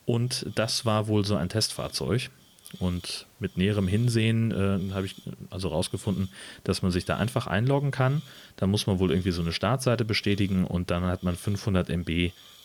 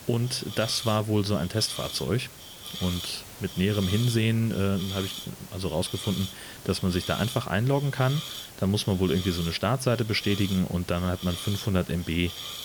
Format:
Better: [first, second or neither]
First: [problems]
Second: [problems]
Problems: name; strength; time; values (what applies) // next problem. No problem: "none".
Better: first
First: hiss; faint; throughout; 25 dB below the speech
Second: hiss; loud; throughout; 10 dB below the speech